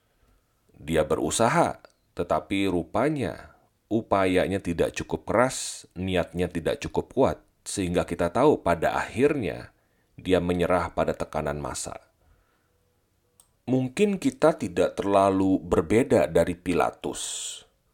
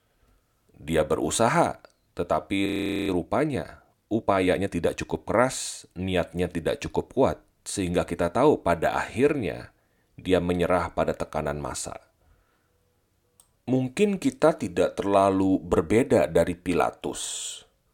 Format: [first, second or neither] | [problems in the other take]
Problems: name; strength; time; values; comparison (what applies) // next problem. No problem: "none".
first | audio freezing; at 2.5 s